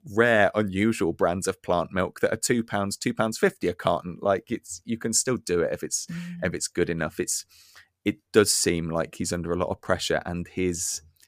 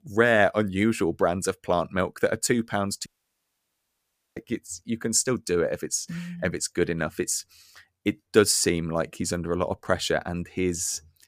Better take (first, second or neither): first